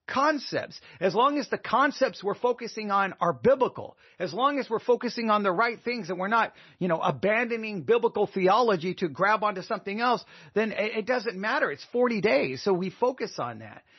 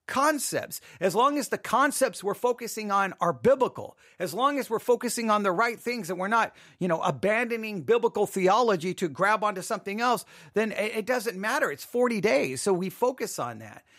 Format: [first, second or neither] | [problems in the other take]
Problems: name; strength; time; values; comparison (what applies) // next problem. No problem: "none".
second | garbled, watery; slightly; nothing above 6 kHz